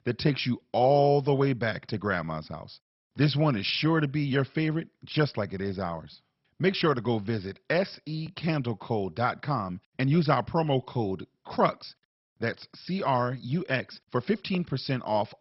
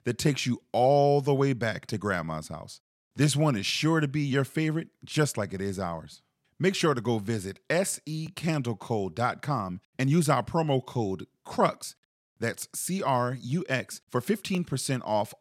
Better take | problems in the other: second | garbled, watery; badly; nothing above 5.5 kHz

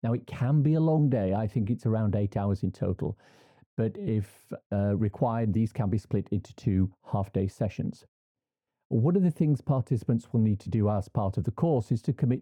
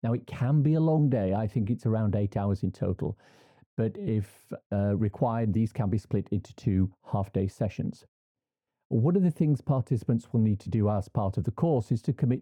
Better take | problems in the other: neither | muffled; very; fading above 2 kHz; the same in both

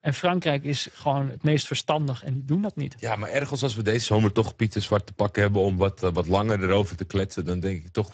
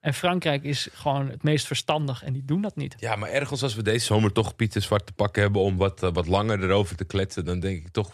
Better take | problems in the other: second | garbled, watery; badly; nothing above 7.5 kHz

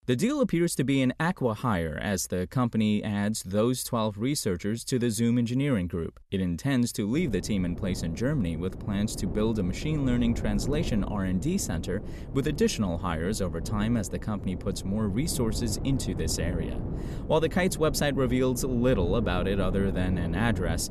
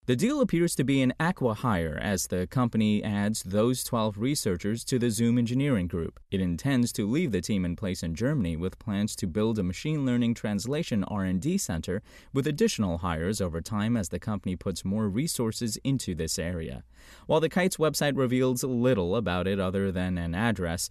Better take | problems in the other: second | wind noise on the microphone; occasional gusts; from 7 s on; 10 dB below the speech

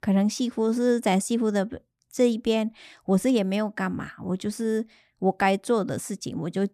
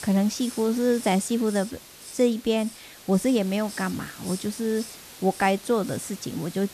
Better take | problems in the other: first | hiss; noticeable; throughout; 15 dB below the speech

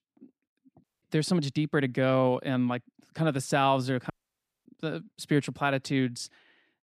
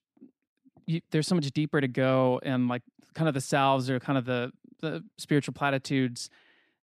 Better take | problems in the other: second | audio cutting out; at 1 s and at 4 s for 0.5 s

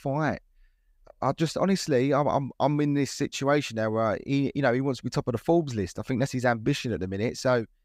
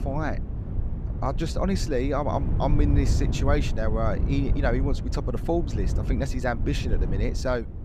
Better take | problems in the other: first | low rumble; noticeable; throughout; 10 dB below the speech

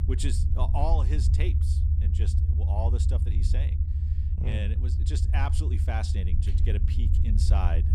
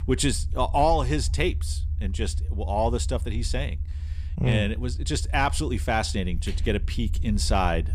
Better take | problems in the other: second | low rumble; loud; throughout; 5 dB below the speech; faint in the second

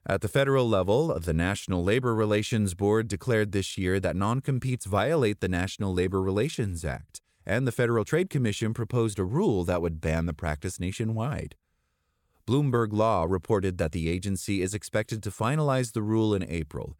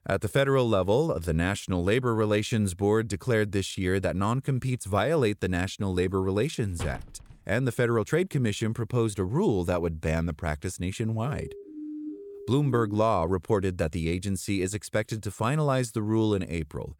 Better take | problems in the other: first | door banging; faint; at 7 s; peak 10 dB below the speech // siren; faint; from 11 to 13 s; peak 10 dB below the speech

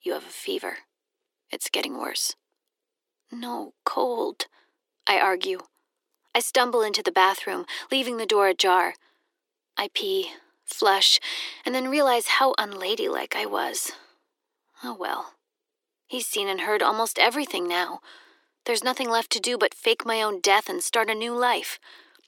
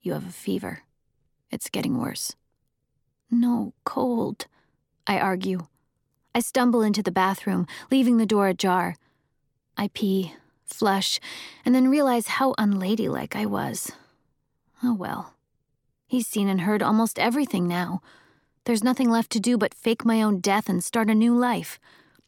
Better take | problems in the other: second | thin; very; fading below 350 Hz

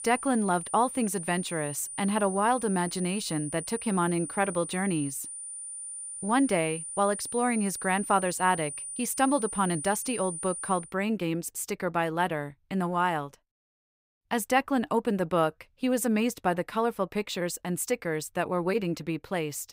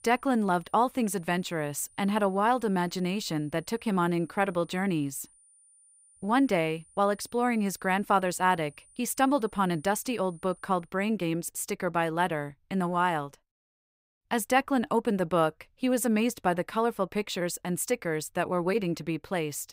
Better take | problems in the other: second | high-pitched whine; loud; until 11 s; 9.5 kHz, 7 dB below the speech; faint in the second

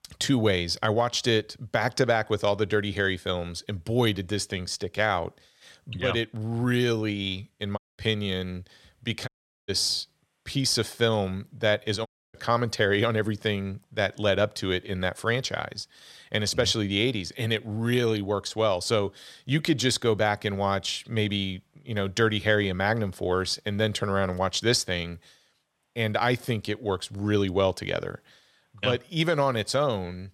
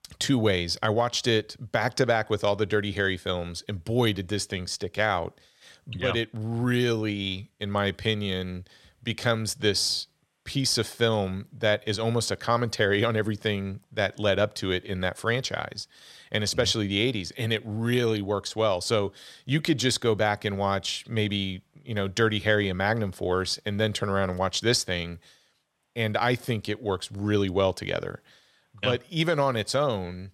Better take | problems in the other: second | audio cutting out; at 8 s, at 9.5 s and at 12 s

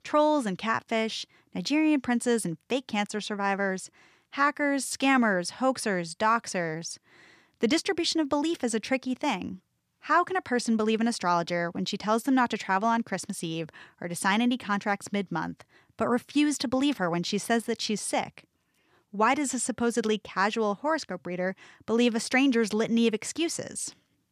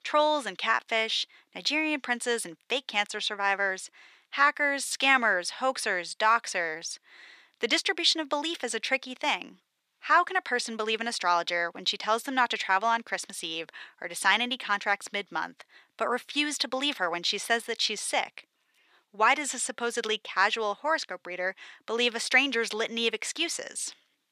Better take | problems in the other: first | thin; somewhat; fading below 450 Hz

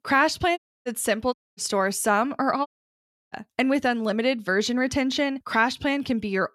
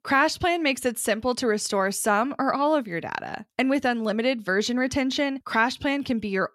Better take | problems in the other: second | audio cutting out; at 0.5 s, at 1.5 s and at 2.5 s for 0.5 s

